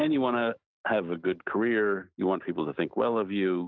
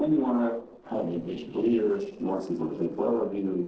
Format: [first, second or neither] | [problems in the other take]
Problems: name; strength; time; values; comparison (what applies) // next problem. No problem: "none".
first | noise reduction (neural separator model SepFormer DNS4)